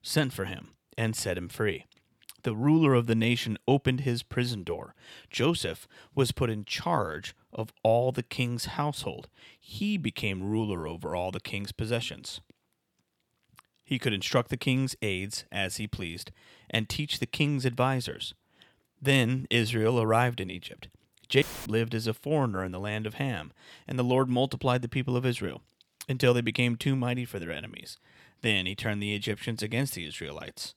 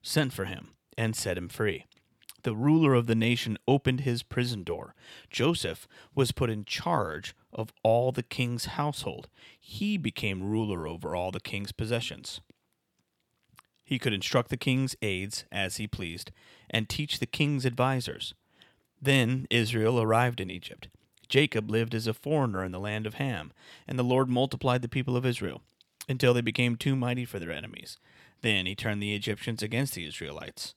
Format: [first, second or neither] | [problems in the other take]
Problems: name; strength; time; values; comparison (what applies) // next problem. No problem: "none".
second | audio cutting out; filled with static; at 21 s